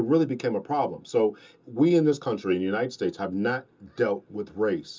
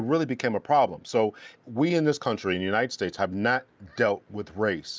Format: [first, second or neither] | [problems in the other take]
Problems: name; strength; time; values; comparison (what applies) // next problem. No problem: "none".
second | room echo; dies away in 0.2 s